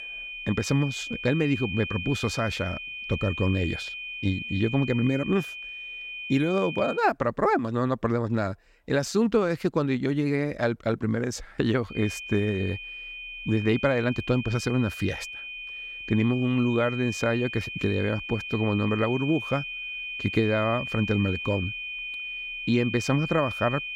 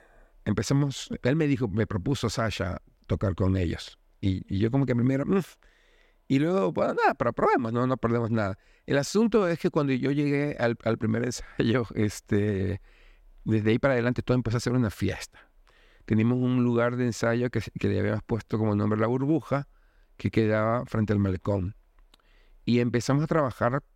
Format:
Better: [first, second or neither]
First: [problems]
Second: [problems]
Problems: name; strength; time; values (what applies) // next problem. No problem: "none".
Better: second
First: high-pitched whine; loud; until 7 s and from 12 s on; 2.5 kHz, 7 dB below the speech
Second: none